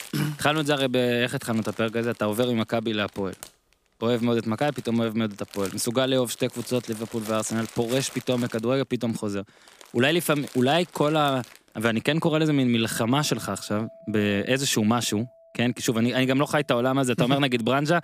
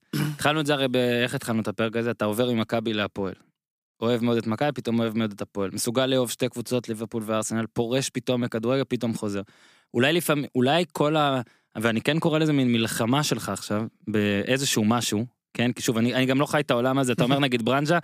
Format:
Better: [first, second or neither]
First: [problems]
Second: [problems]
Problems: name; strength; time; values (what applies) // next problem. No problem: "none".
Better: second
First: household noises; faint; throughout; 20 dB below the speech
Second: none